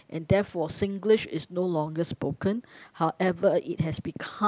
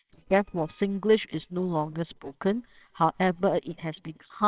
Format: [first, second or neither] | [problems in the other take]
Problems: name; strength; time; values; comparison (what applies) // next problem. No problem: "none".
first | noise reduction (neural separator model SepFormer WHAMR!)